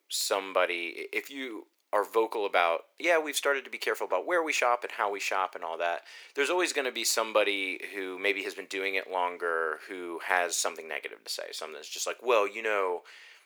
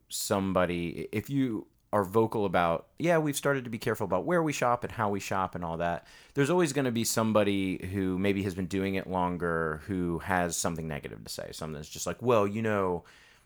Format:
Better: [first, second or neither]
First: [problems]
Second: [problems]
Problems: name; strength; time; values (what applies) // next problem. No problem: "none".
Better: second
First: thin; very; fading below 350 Hz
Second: none